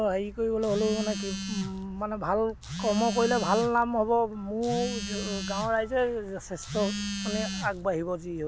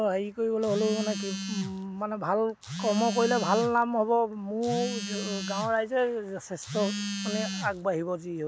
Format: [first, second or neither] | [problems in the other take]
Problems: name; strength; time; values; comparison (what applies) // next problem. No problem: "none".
second | background sound (Telephone); 19 dB below the speech